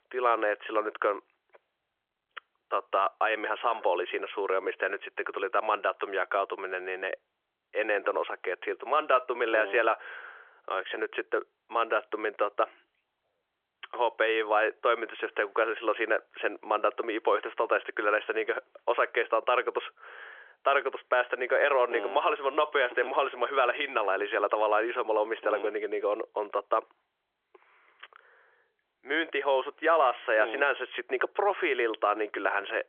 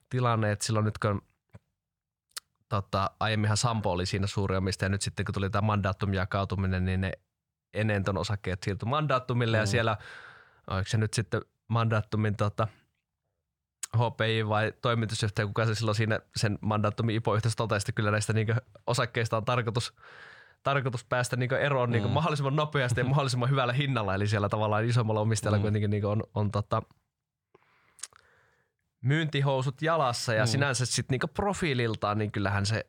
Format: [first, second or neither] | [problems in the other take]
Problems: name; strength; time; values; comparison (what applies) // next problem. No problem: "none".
second | phone-call audio; nothing above 3.5 kHz